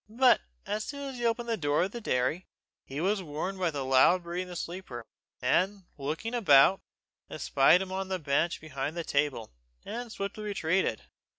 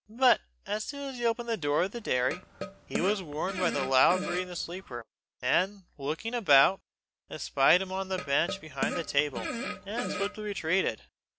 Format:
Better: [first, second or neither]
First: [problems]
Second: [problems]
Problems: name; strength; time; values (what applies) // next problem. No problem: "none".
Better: first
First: none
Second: background sound (Fart); 8 dB below the speech